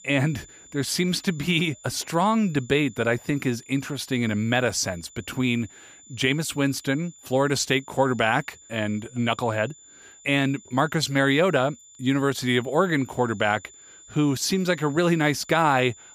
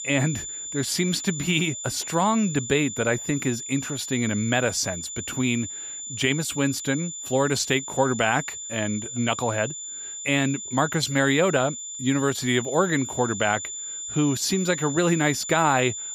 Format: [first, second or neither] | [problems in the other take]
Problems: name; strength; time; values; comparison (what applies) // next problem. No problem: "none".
first | high-pitched whine; loud; throughout; 7 kHz, 7 dB below the speech; faint in the first